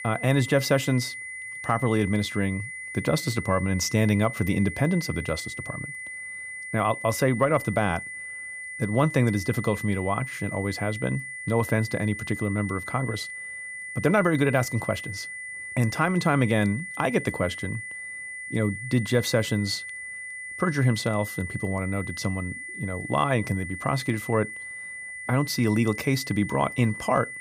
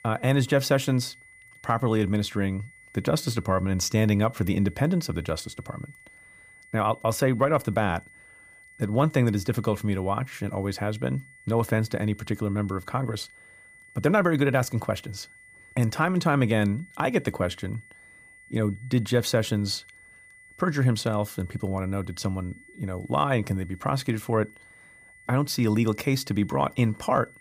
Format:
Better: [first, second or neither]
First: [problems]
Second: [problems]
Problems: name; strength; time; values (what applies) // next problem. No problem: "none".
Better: second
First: high-pitched whine; loud; throughout; 2 kHz, 9 dB below the speech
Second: high-pitched whine; faint; throughout; 2 kHz, 25 dB below the speech